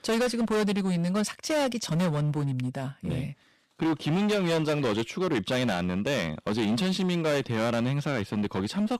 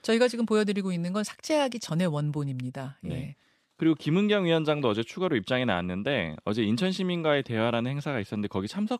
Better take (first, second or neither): second